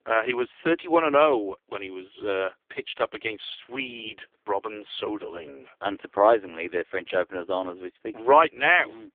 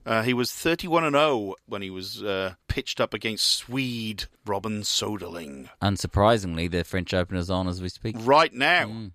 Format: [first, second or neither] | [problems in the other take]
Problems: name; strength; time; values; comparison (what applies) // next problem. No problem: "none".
second | phone-call audio; poor line; nothing above 3.5 kHz